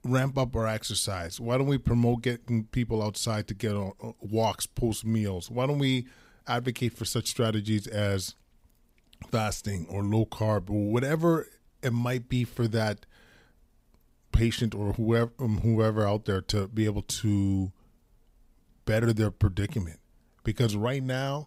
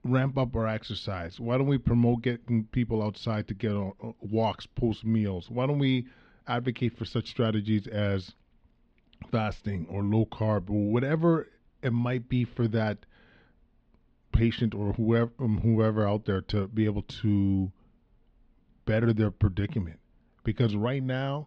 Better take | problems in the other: first | muffled; slightly; fading above 3.5 kHz

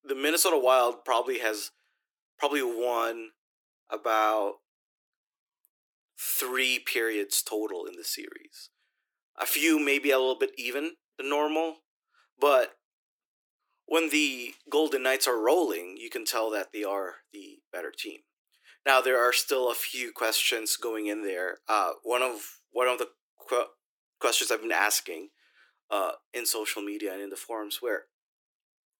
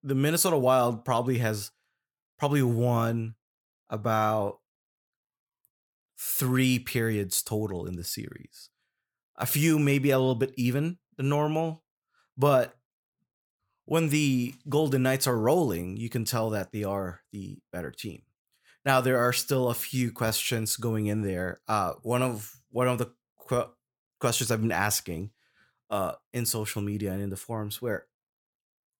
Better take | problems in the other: second | thin; very; fading below 300 Hz

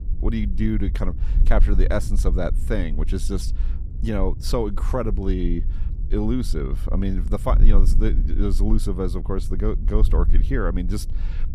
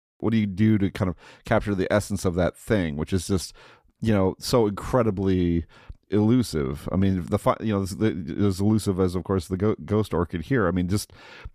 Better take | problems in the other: second | wind noise on the microphone; occasional gusts; 15 dB below the speech

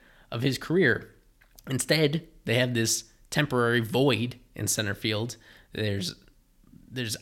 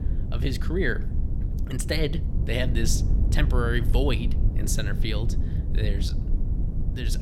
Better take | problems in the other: first | low rumble; noticeable; throughout; 10 dB below the speech

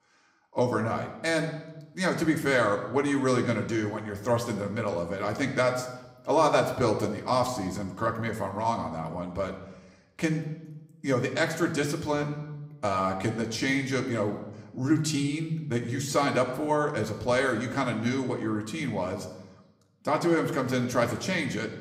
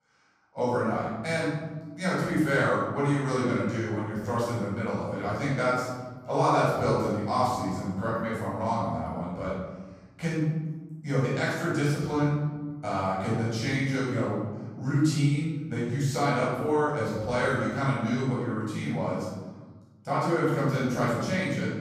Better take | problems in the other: first | room echo; strong; dies away in 1.4 s; slight in the first // off-mic speech; far; somewhat distant in the first

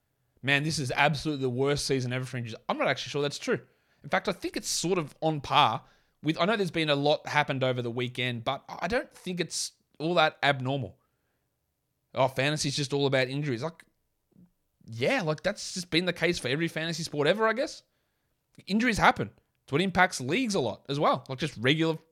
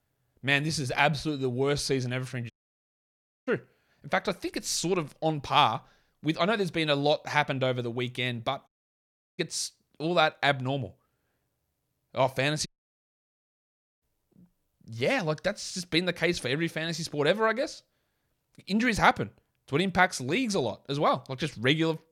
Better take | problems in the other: first | audio cutting out; at 2.5 s for 1 s, at 8.5 s for 0.5 s and at 13 s for 1.5 s

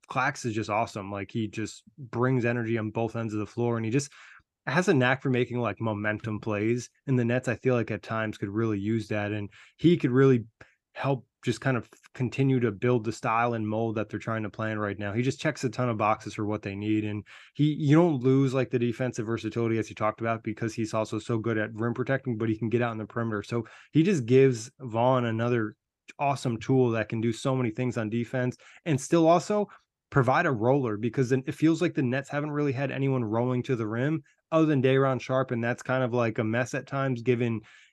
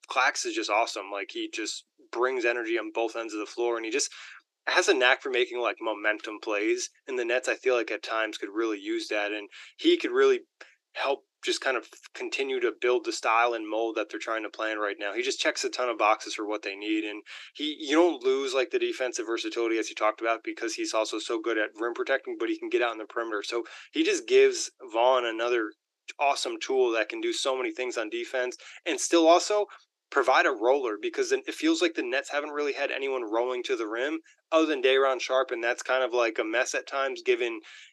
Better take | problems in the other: first | thin; very; fading below 350 Hz

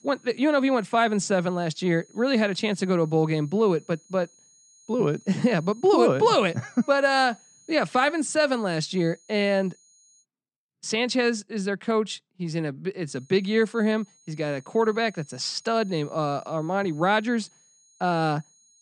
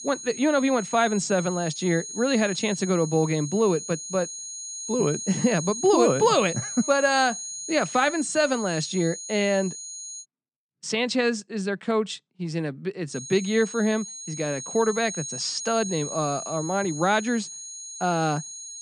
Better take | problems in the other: first | high-pitched whine; loud; until 10 s and from 13 s on; 6.5 kHz, 8 dB below the speech; faint in the first

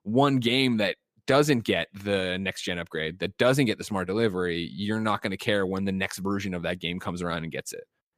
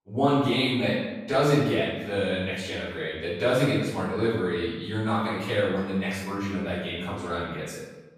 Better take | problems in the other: first | room echo; strong; dies away in 1 s // off-mic speech; far

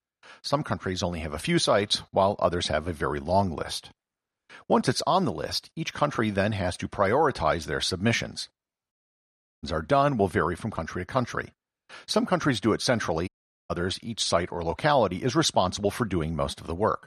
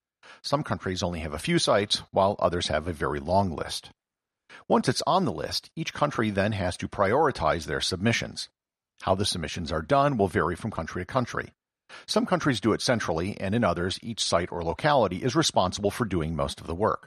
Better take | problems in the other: second | audio cutting out; at 9 s for 0.5 s and at 13 s

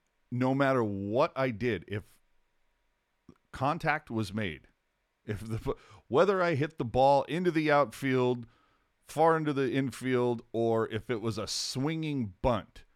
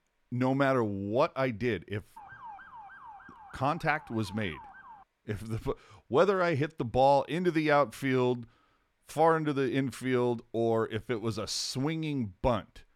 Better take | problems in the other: first | siren; faint; from 2 to 5 s; peak 15 dB below the speech

